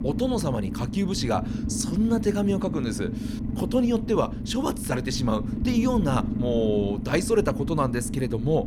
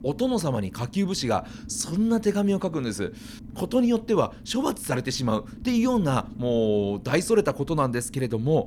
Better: second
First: low rumble; loud; throughout; 9 dB below the speech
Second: low rumble; faint; throughout; 20 dB below the speech

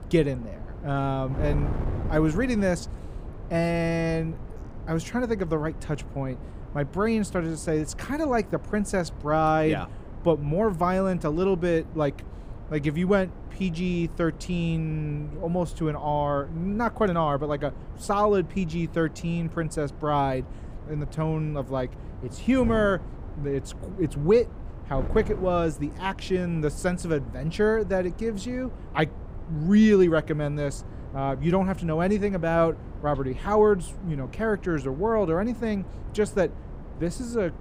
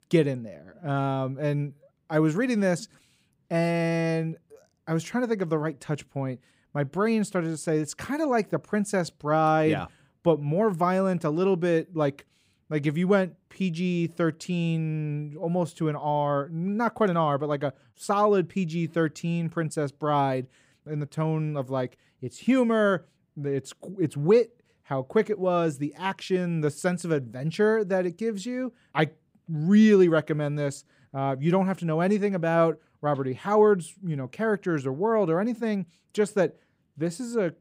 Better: second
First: wind noise on the microphone; occasional gusts; 20 dB below the speech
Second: none

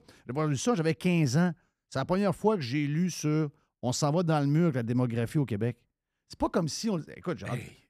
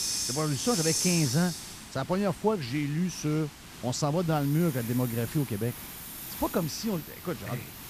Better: first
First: none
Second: hiss; loud; throughout; 5 dB below the speech

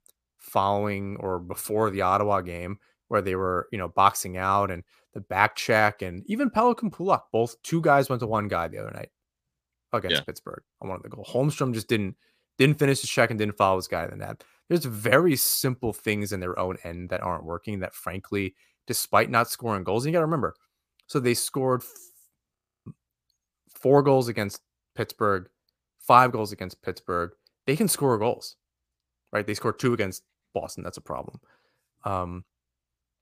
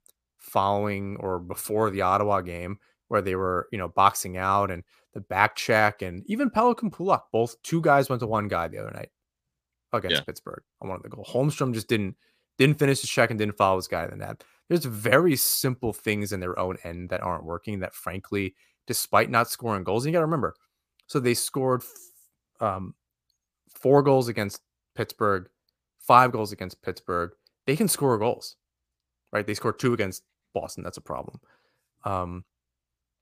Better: second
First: audio freezing; at 23 s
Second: none

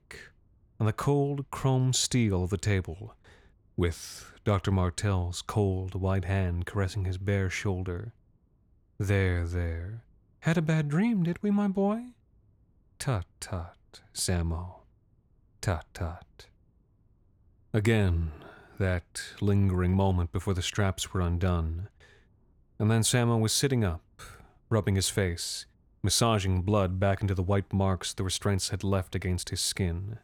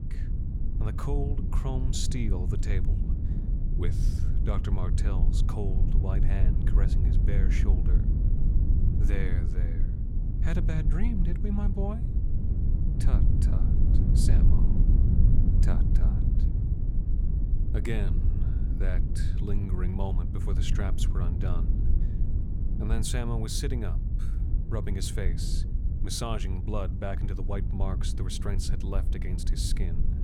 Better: first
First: none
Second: low rumble; loud; throughout; 4 dB below the speech

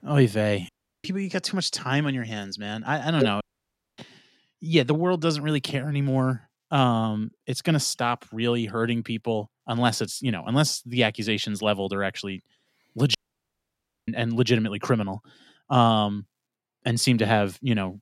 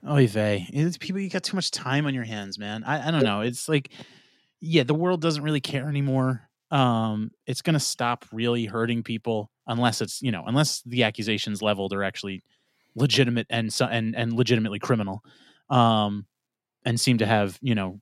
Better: second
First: audio cutting out; at 0.5 s, at 3.5 s for 0.5 s and at 13 s for 1 s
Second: none

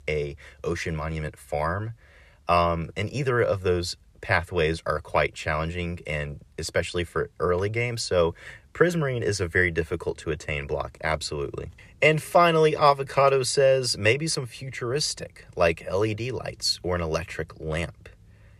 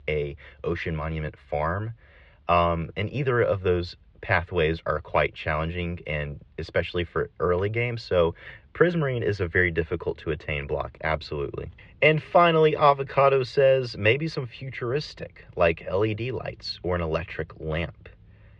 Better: first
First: none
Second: muffled; slightly; fading above 3.5 kHz

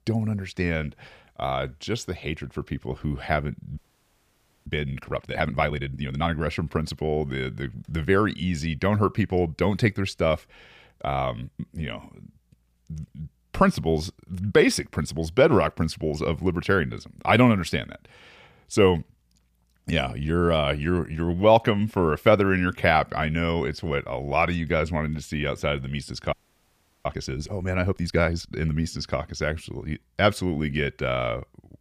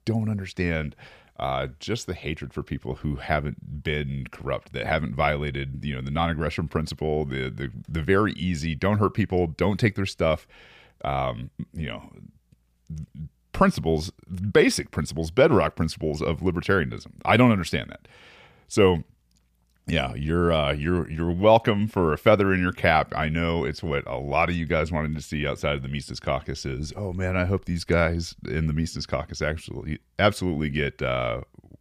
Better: second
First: audio freezing; at 4 s for 1 s and at 26 s for 0.5 s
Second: none

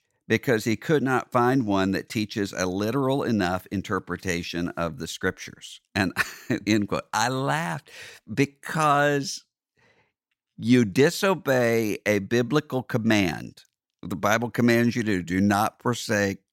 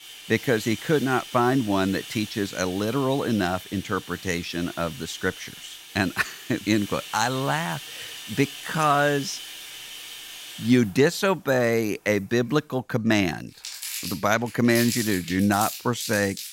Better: first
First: none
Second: household noises; noticeable; throughout; 10 dB below the speech

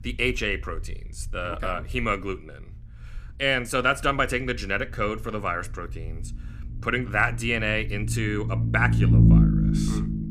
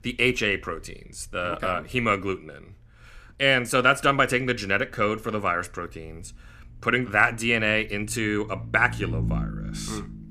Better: second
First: low rumble; loud; throughout; 8 dB below the speech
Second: low rumble; faint; throughout; 20 dB below the speech

